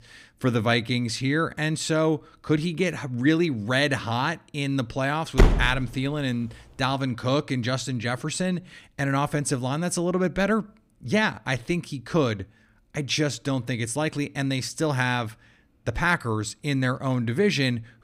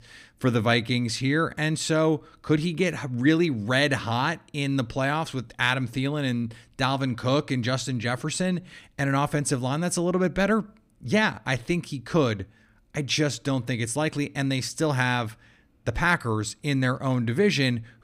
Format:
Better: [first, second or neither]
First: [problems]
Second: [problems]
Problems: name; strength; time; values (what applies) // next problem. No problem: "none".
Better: second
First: door banging; loud; at 5.5 s; peak 4 dB above the speech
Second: none